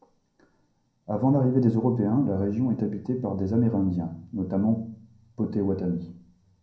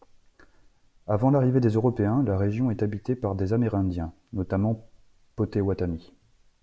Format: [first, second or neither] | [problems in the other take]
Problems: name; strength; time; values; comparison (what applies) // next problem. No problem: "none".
second | room echo; dies away in 0.6 s